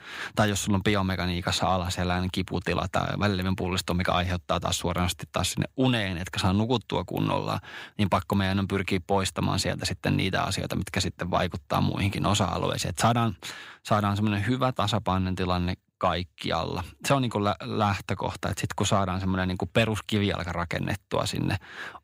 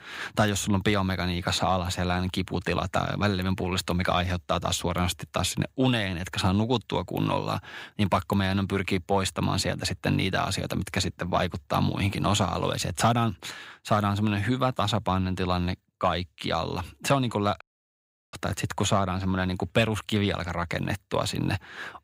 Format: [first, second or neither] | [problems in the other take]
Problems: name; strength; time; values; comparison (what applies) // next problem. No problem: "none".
first | audio cutting out; at 18 s for 0.5 s